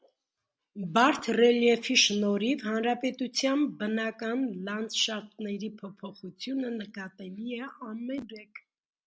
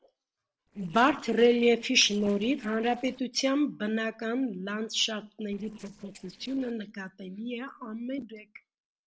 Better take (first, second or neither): first